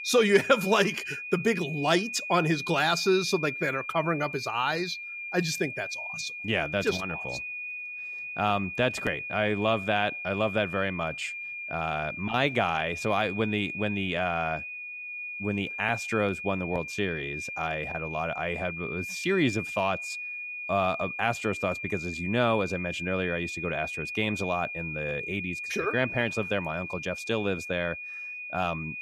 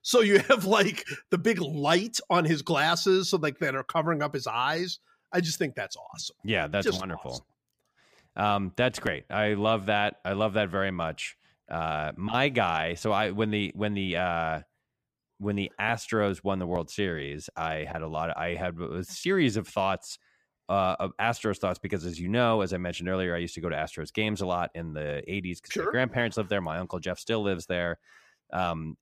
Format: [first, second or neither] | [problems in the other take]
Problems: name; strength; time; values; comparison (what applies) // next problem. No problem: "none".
second | high-pitched whine; loud; throughout; 2.5 kHz, 6 dB below the speech